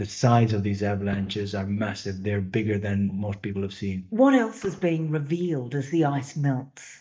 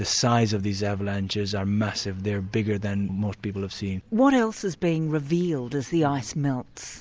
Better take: second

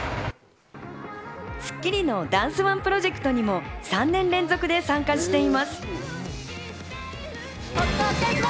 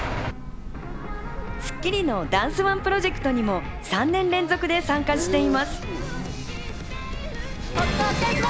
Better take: first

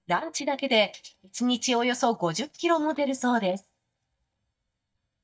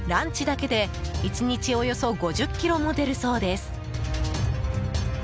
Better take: second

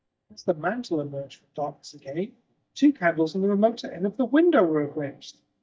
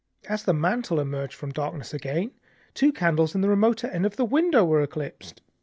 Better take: second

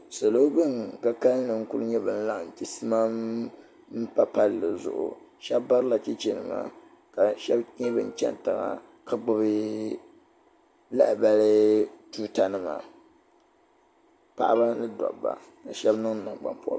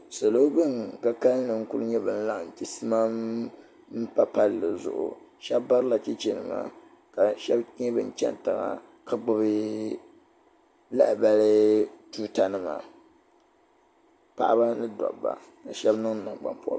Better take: second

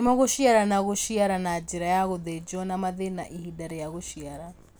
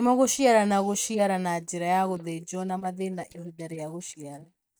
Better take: first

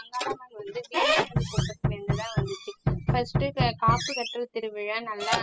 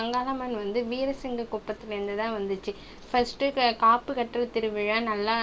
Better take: second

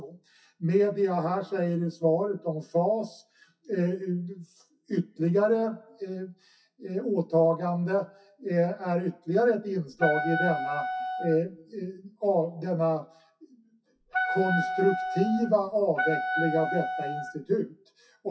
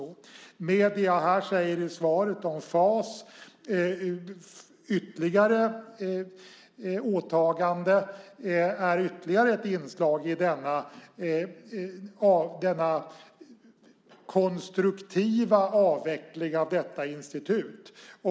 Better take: second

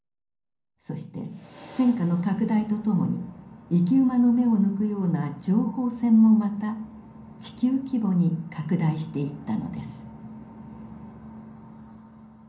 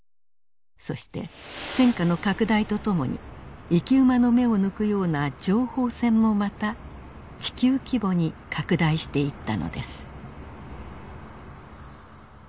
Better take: second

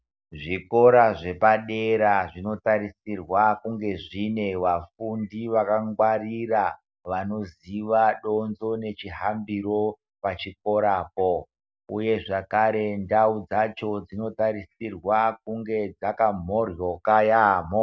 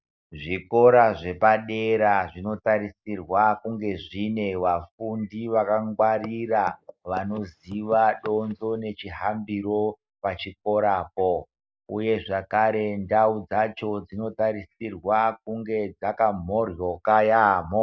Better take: first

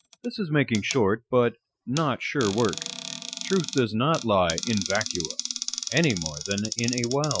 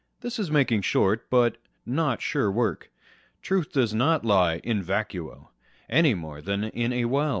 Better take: second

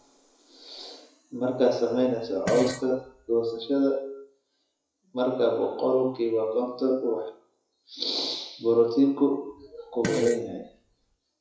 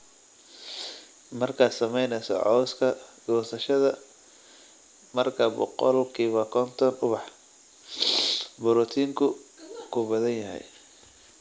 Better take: second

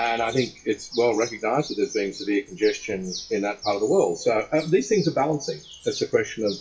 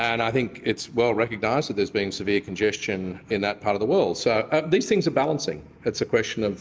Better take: second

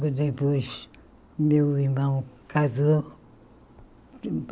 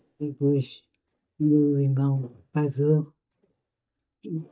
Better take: first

